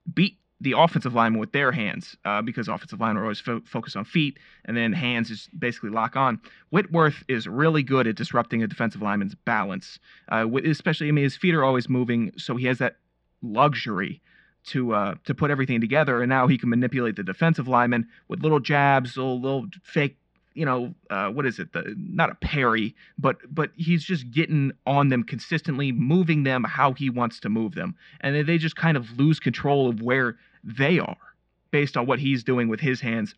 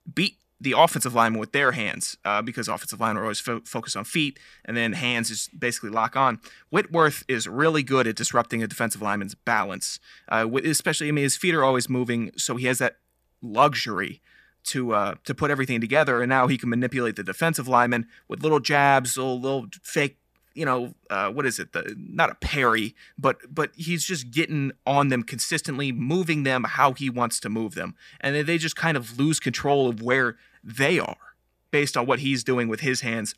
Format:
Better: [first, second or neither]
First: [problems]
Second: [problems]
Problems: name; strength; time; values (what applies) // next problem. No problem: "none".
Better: second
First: muffled; slightly; fading above 4 kHz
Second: none